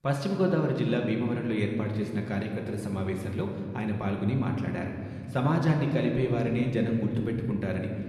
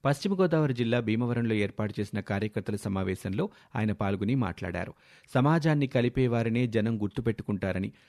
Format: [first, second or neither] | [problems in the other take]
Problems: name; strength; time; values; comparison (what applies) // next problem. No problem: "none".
second | room echo; noticeable; dies away in 2.4 s // off-mic speech; somewhat distant